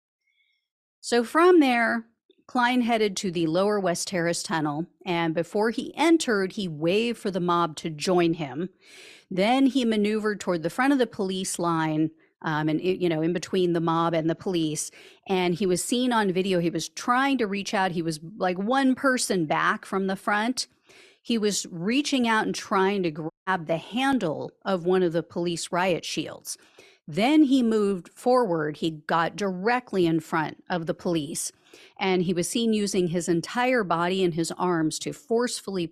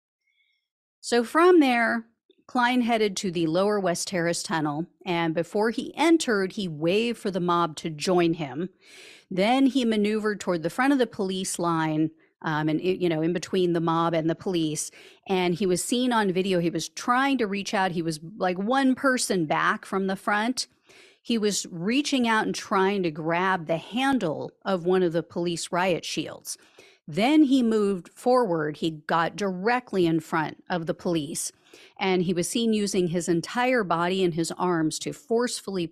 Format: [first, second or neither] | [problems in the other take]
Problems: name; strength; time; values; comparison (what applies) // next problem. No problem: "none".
second | audio cutting out; at 23 s